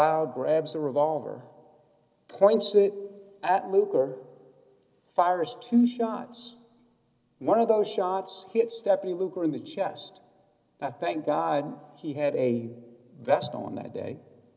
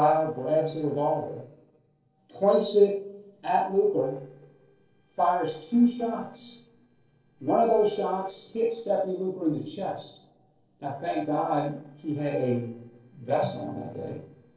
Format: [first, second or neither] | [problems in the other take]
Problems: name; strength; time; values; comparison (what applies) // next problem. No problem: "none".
first | noise reduction (neural separator model SepFormer DNS4)